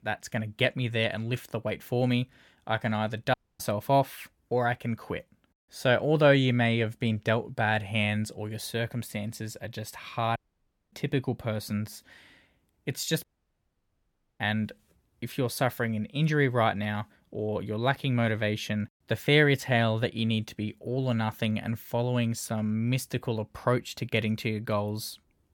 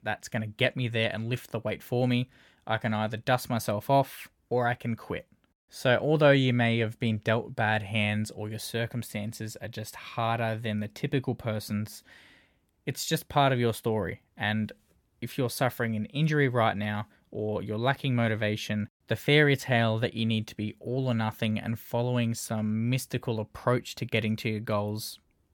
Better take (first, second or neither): second